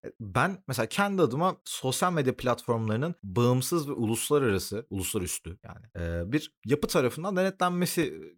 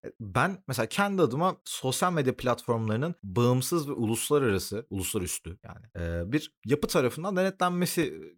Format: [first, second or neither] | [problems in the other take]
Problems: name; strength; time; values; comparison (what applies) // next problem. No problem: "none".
neither | none